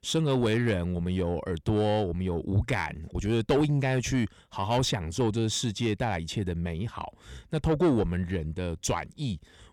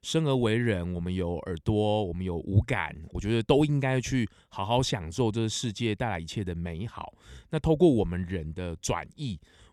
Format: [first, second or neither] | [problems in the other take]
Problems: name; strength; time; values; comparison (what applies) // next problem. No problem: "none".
second | distortion; slight; 10 dB below the speech